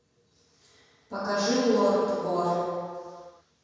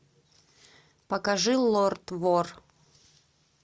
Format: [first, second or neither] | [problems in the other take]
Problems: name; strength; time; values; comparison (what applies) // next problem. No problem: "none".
second | room echo; dies away in 1.9 s